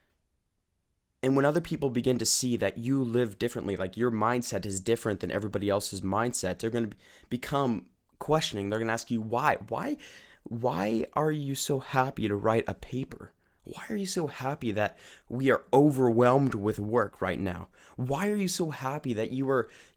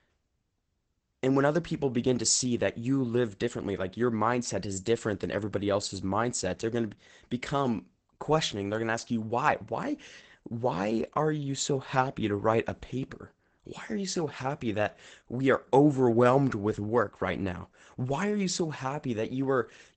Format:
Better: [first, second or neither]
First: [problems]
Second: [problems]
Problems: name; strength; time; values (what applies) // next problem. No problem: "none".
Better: first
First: garbled, watery; slightly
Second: garbled, watery; badly; nothing above 8 kHz